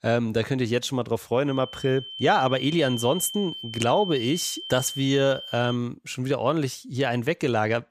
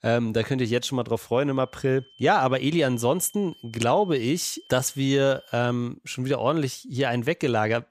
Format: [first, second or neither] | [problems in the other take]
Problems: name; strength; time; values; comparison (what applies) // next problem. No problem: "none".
second | high-pitched whine; loud; from 1.5 to 6 s; 3 kHz, 9 dB below the speech; faint in the second